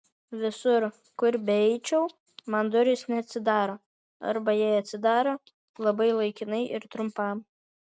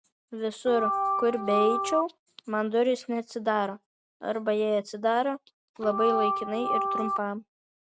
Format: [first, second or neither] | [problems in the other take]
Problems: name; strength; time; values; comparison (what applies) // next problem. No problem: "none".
first | background sound (Organ); as loud as the speech